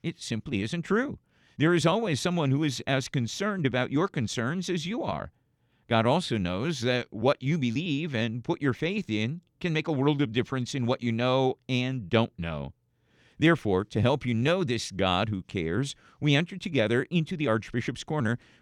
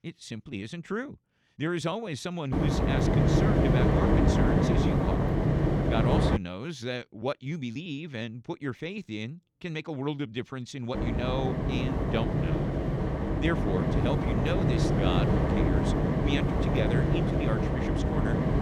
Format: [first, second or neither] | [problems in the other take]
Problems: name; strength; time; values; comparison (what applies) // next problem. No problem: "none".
first | wind noise on the microphone; heavy; from 2.5 to 6.5 s and from 11 s on; 4 dB above the speech